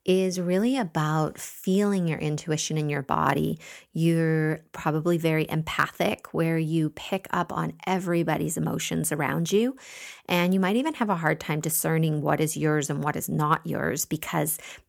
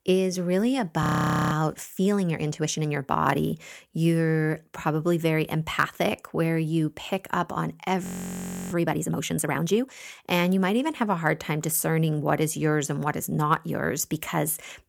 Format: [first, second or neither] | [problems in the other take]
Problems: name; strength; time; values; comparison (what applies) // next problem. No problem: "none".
first | audio freezing; at 1 s and at 8 s for 0.5 s